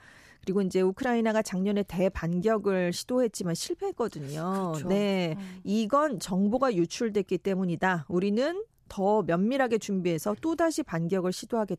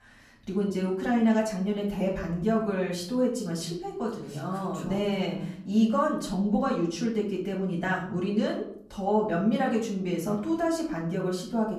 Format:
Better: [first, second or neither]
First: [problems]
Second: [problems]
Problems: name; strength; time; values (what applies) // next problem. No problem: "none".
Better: first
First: none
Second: off-mic speech; far // room echo; slight; dies away in 0.6 s